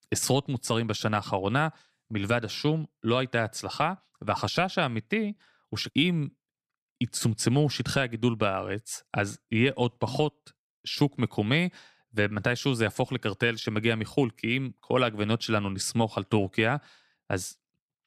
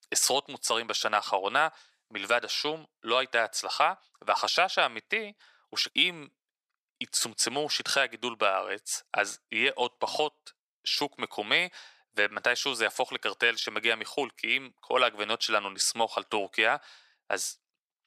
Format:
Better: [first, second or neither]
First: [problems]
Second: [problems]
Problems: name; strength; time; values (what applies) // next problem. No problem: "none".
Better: first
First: none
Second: thin; very; fading below 700 Hz